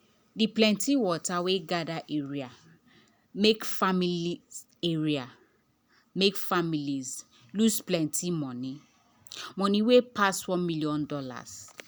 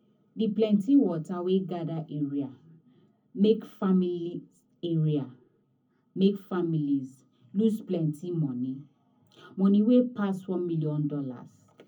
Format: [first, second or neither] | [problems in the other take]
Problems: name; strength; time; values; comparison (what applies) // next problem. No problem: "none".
first | room echo; dies away in 0.3 s